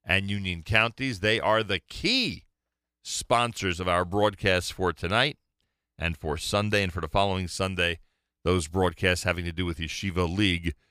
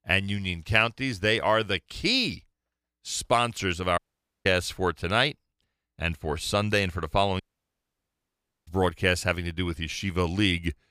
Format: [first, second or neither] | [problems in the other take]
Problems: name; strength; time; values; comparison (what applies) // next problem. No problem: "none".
first | audio cutting out; at 4 s and at 7.5 s for 1.5 s